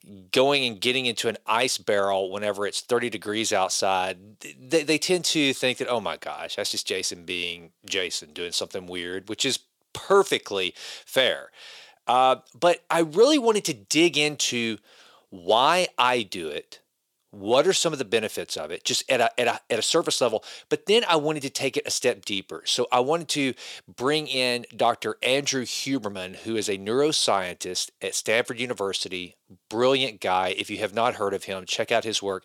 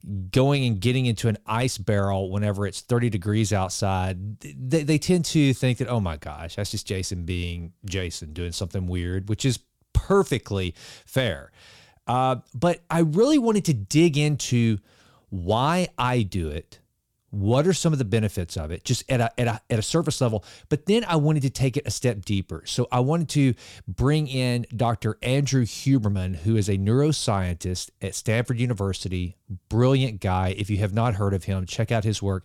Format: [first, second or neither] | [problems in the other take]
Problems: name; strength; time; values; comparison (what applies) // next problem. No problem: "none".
second | thin; very; fading below 450 Hz